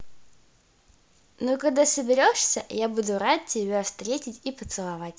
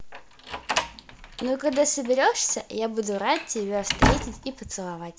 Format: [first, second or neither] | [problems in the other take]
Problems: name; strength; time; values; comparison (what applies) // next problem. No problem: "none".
first | background sound (Slam); 3 dB below the speech